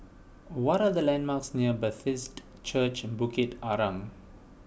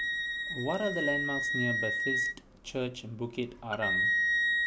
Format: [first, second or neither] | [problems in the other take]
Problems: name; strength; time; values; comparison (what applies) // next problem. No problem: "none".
first | background sound (Wind instrument, woodwind instrument); 4 dB above the speech